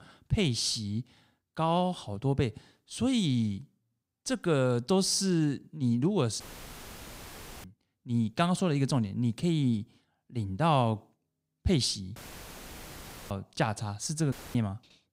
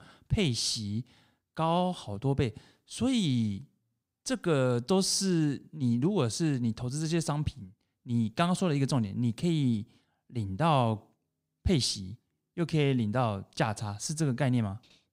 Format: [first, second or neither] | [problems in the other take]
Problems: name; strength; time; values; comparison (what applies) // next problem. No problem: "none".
second | audio cutting out; filled with static; at 6.5 s for 1 s, at 12 s for 1 s and at 14 s